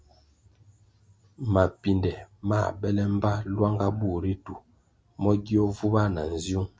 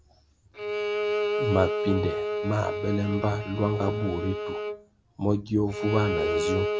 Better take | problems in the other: first | background sound (Bowed string instrument); 1 dB below the speech

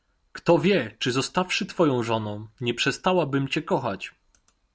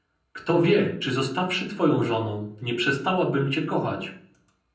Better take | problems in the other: first | room echo; dies away in 0.6 s

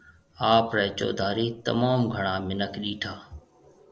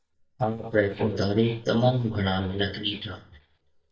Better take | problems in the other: first | noise reduction (neural mask model DeepFilterNet 3)

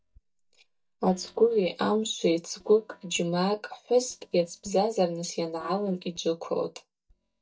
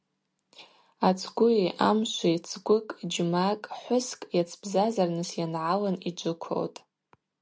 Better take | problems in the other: second | noise reduction (neural mask model DeepFilterNet 3)

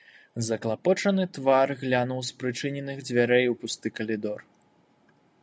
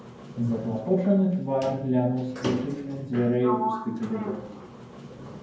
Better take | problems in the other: first | background sound (Sliding door); 9 dB below the speech // room echo; dies away in 0.9 s

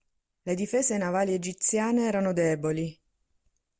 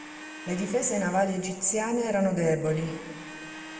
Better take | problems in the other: first | background sound (Domestic sounds, home sounds); 16 dB below the speech // room echo; dies away in 1.9 s

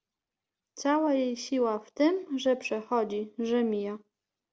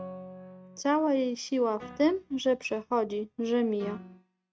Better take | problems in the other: first | noise reduction (neural mask model RNNoise)

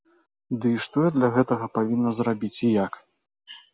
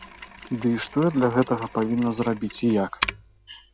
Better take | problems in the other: first | background sound (Mechanisms); 13 dB below the speech

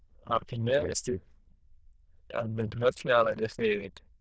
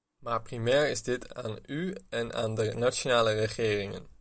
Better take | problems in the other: second | noise reduction (neural diffusion model UNIVERSE++)

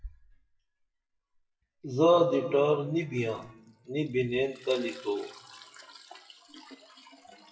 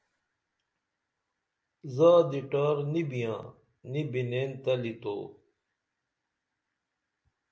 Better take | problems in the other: second | noise reduction (classical method WPE with log-MMSE)

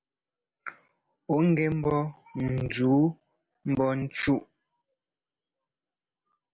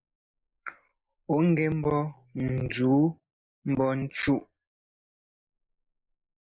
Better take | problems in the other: first | noise reduction (neural mask model Resemble Enhance denoiser)

